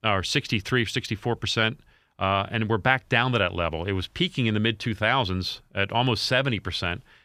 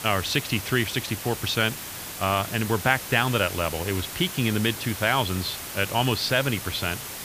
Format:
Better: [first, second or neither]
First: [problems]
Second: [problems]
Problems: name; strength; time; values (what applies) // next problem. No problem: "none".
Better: first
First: none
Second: hiss; loud; throughout; 8 dB below the speech